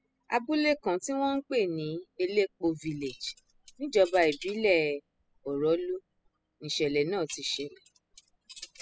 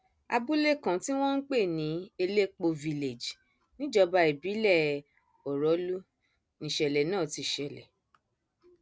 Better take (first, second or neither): second